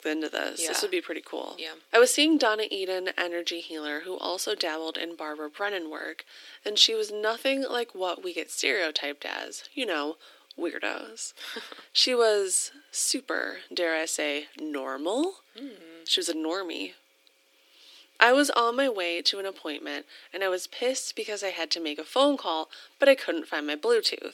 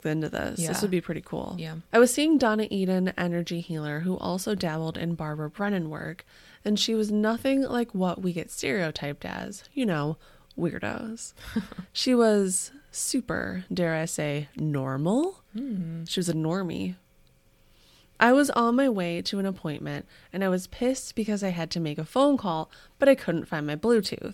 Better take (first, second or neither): second